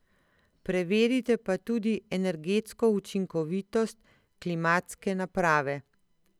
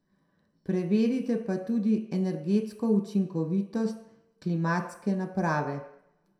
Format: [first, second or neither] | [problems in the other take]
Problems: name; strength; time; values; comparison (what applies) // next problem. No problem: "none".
first | room echo; dies away in 0.5 s